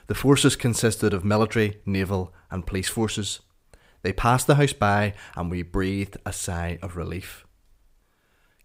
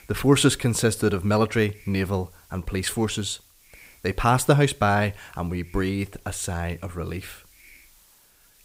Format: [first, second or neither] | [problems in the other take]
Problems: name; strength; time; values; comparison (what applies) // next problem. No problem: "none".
first | hiss; faint; throughout; 30 dB below the speech